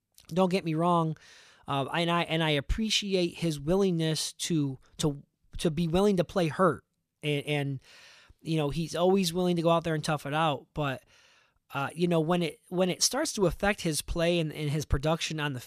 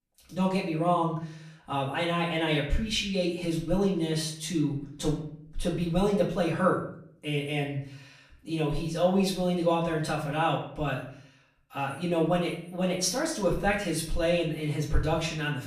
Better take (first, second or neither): first